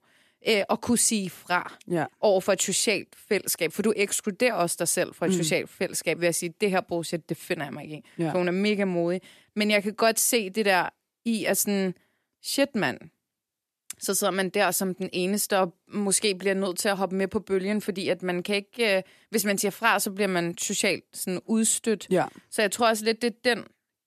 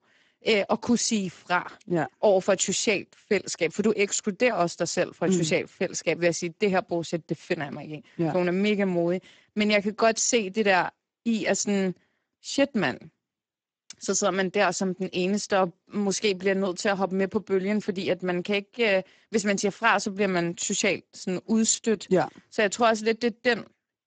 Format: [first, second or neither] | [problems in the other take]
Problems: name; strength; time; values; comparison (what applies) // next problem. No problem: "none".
first | garbled, watery; badly; nothing above 7.5 kHz